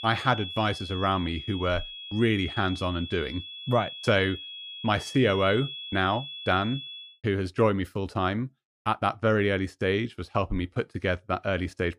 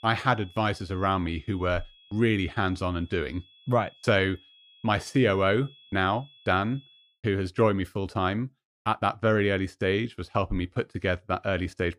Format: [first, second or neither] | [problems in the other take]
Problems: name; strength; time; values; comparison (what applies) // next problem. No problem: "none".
second | high-pitched whine; loud; until 7 s; 3.5 kHz, 9 dB below the speech; faint in the second